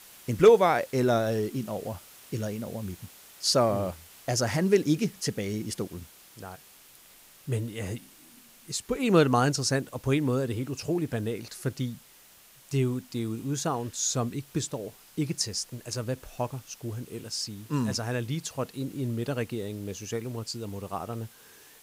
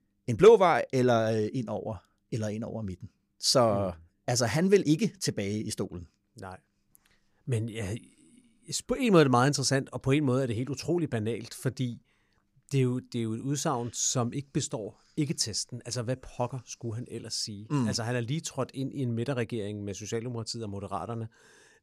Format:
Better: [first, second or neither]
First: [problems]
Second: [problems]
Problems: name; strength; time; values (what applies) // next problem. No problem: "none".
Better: second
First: hiss; faint; throughout; 20 dB below the speech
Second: none